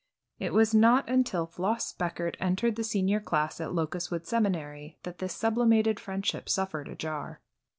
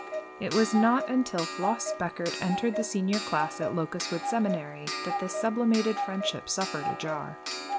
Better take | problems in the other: first | background sound (Clock); 5 dB below the speech

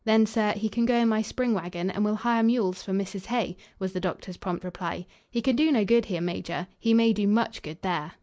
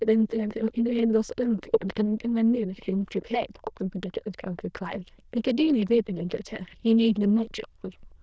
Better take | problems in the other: first | noise reduction (neural diffusion model UNIVERSE++)

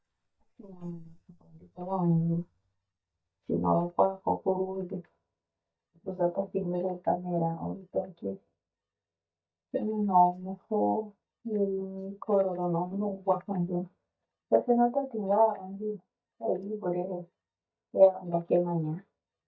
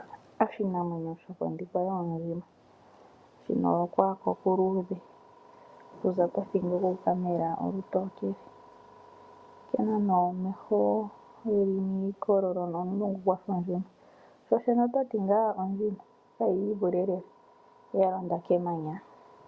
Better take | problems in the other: second | noise reduction (neural mask model DeepFilterNet 3)

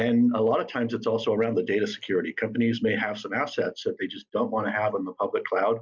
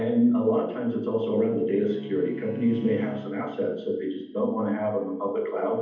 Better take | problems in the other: first | background sound (Bowed string instrument); 19 dB below the speech // room echo; dies away in 0.8 s

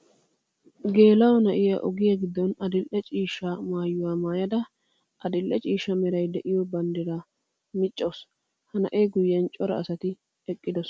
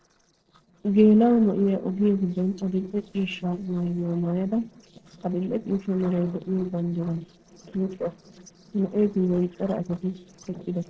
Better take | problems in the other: first | noise reduction (neural separator model SepFormer DNS4)

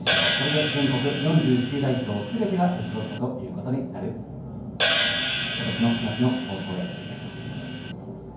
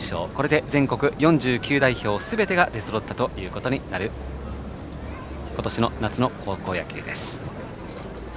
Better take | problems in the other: second | background sound (Hi-hat); 3 dB below the speech // room echo; dies away in 0.9 s

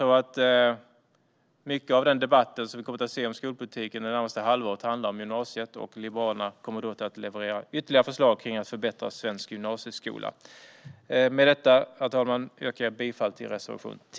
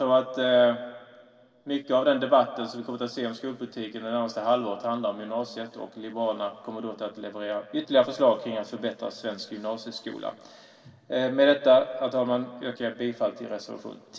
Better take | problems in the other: first | room echo; dies away in 2.1 s

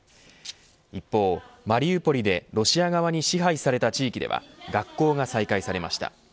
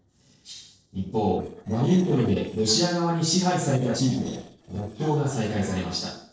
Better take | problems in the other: first | noise reduction (neural separator model SepFormer DNS4)

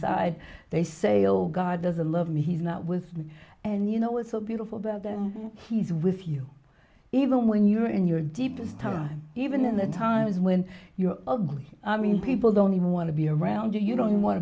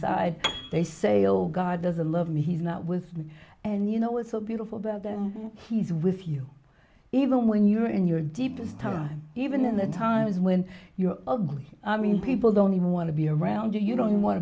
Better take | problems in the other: first | background sound (Piano); 13 dB below the speech

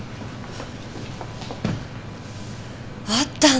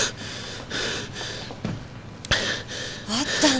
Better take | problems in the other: first | background sound (Breathing); as loud as the speech

